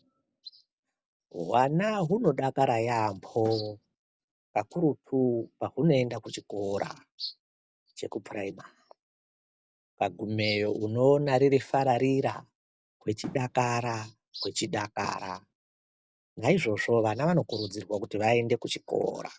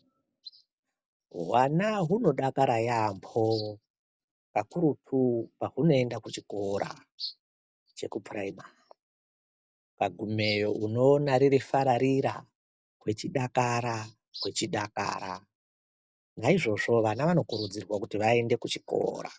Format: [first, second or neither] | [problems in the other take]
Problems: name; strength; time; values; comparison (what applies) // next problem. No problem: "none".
second | background sound (Thump, thud); 19 dB below the speech